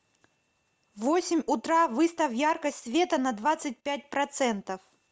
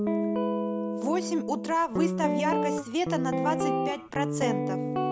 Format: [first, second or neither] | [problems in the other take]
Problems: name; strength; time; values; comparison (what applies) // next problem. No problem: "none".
first | background sound (Guitar); 2 dB above the speech